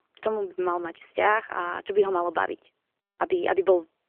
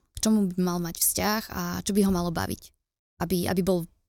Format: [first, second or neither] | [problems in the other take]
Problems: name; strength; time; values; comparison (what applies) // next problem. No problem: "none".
second | phone-call audio; nothing above 3 kHz